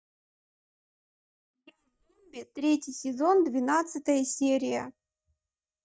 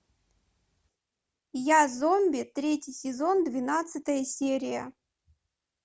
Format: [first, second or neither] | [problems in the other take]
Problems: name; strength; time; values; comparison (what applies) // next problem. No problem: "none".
second | noise reduction (neural mask model DeepFilterNet 3)